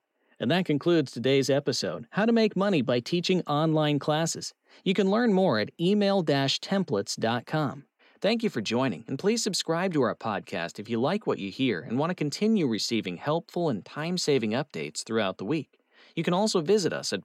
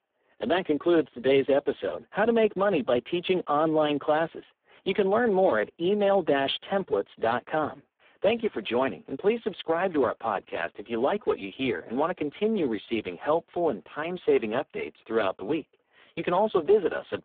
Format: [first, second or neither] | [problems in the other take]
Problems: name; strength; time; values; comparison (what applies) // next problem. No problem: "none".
first | phone-call audio; poor line